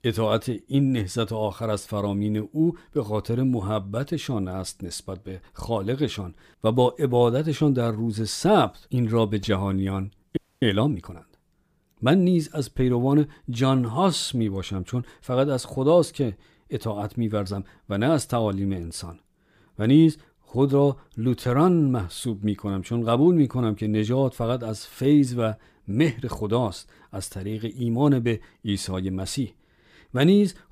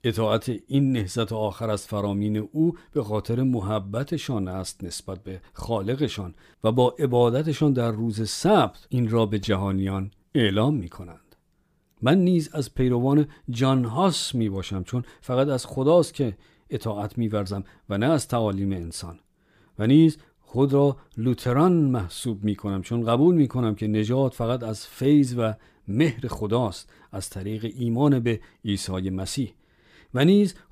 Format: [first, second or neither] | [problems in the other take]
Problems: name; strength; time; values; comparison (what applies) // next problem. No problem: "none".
second | audio freezing; at 10 s